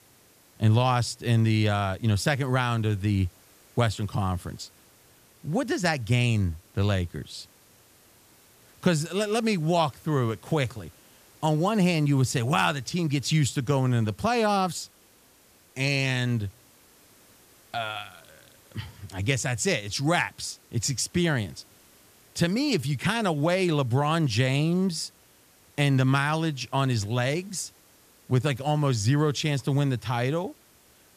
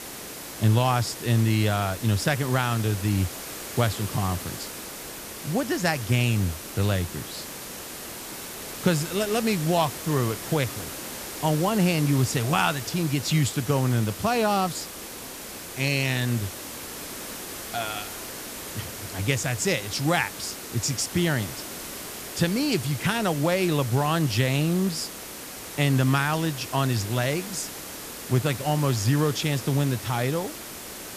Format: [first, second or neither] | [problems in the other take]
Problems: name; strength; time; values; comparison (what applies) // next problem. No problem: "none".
first | hiss; loud; throughout; 10 dB below the speech; faint in the first